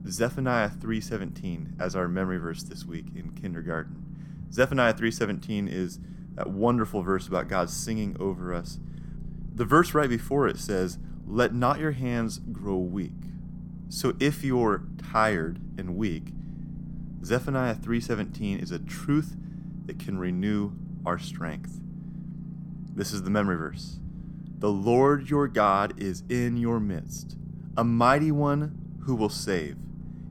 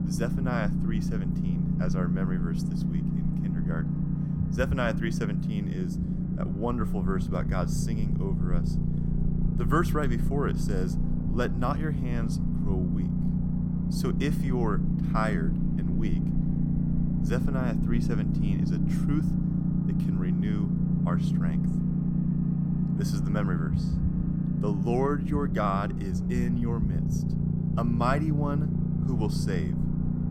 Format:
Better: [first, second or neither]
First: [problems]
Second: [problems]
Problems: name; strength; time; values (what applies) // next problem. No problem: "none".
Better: first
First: low rumble; faint; throughout; 20 dB below the speech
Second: low rumble; loud; throughout; 2 dB below the speech